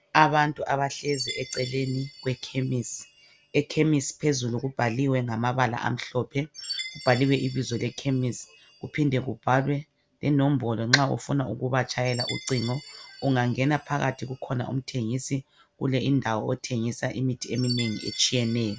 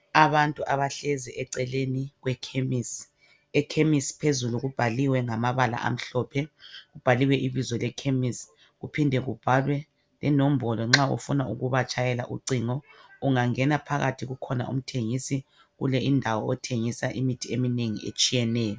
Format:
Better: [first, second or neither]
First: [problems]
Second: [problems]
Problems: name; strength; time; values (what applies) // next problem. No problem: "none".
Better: second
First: background sound (Chime); 17 dB below the speech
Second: none